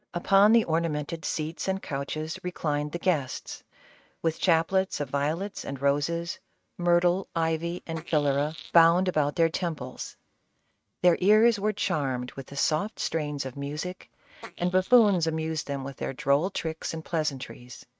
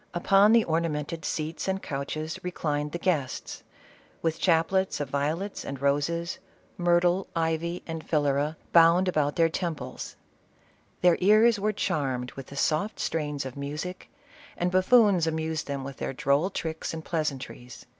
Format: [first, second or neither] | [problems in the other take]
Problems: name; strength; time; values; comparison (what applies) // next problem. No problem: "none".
second | noise reduction (neural mask model RNNoise)